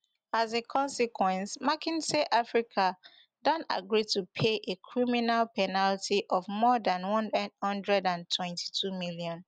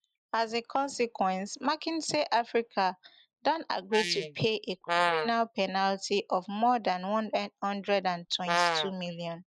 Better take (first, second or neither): first